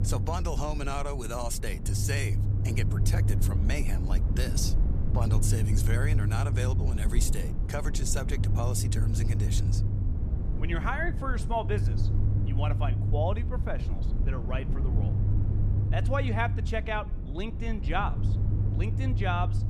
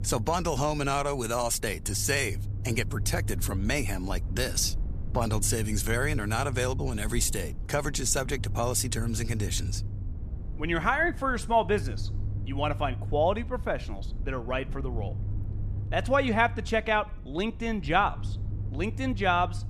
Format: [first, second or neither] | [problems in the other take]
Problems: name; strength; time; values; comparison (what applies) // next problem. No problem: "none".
second | low rumble; loud; throughout; 8 dB below the speech; faint in the second